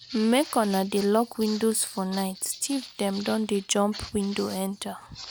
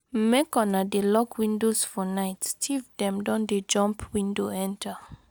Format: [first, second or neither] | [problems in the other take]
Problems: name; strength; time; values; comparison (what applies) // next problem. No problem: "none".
second | background sound (Walk, footsteps); 17 dB below the speech